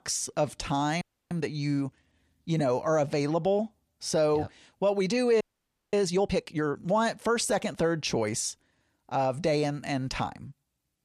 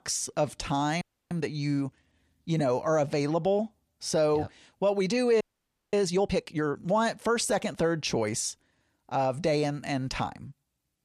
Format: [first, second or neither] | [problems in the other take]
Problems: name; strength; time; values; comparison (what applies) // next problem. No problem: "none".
neither | audio freezing; at 1 s and at 5.5 s for 0.5 s; the same in both